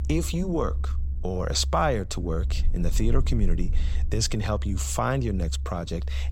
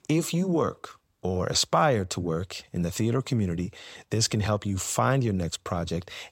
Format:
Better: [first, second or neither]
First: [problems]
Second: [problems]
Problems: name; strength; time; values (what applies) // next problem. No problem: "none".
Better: second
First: low rumble; noticeable; throughout; 20 dB below the speech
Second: none